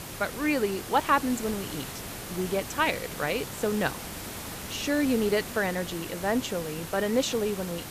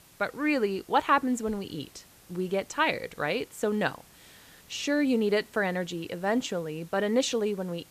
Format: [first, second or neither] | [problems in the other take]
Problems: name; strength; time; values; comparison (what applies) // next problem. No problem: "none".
second | hiss; loud; throughout; 9 dB below the speech; faint in the second